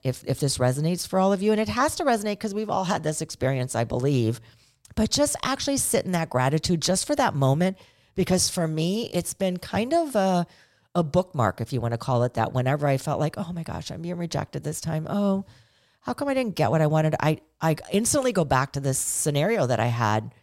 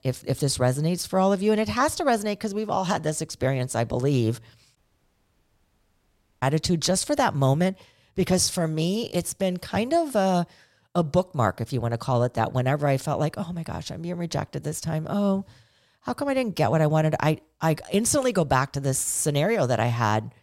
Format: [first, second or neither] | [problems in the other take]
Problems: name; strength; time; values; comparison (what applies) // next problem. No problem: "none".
first | audio cutting out; at 5 s for 1.5 s